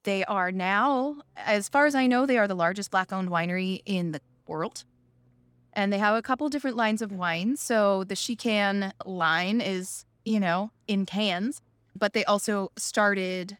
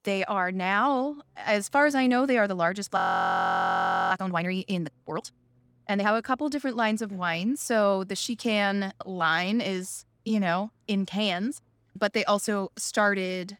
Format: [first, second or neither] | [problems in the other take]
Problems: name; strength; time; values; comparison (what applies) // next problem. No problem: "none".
first | audio freezing; at 3 s for 1 s